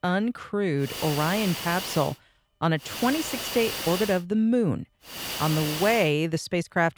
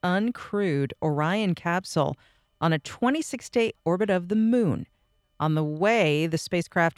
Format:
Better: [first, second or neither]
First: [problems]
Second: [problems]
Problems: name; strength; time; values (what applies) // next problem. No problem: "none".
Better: second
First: hiss; loud; from 1 to 2 s, from 3 to 4 s and at 5 s; 6 dB below the speech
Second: none